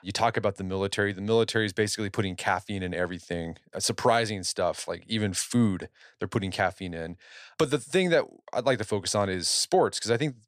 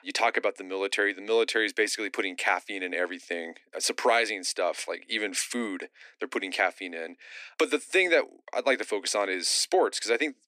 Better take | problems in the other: first | thin; somewhat; fading below 250 Hz

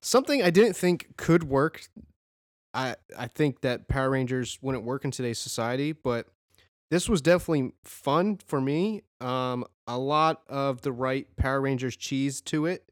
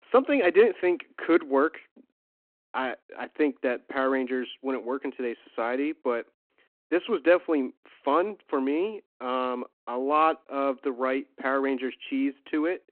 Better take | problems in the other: first | phone-call audio

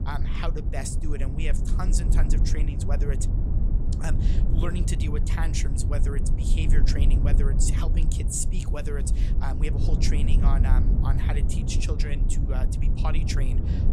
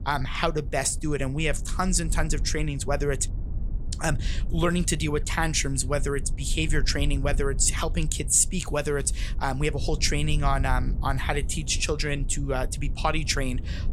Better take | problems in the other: second | low rumble; loud; throughout; 4 dB below the speech; faint in the second

